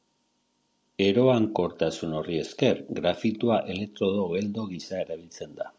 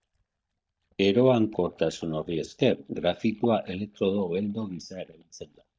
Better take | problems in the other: first | noise reduction (neural mask model DeepFilterNet 3)

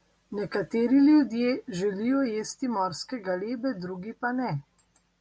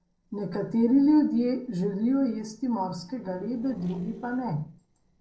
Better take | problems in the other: first | noise reduction (neural separator model SepFormer DNS4)

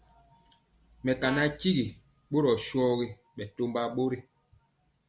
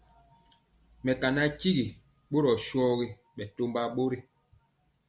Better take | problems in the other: second | background sound (Brass instrument); 13 dB below the speech

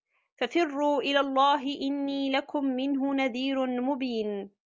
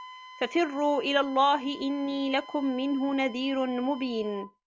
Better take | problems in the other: first | background sound (Wind instrument, woodwind instrument); 19 dB below the speech

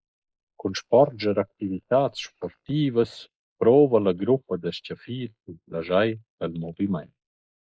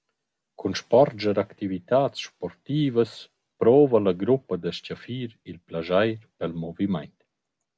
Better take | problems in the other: second | noise reduction (neural mask model Resemble Enhance denoiser)

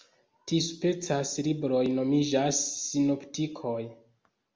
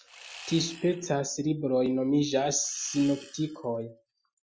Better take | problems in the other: first | noise reduction (classical method Wiener filter)

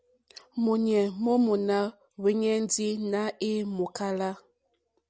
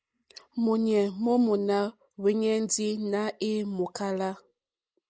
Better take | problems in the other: first | noise reduction (neural mask model Resemble Enhance denoiser)

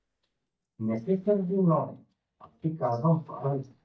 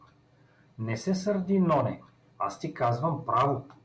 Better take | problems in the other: second | noise reduction (neural mask model DeepFilterNet 3)

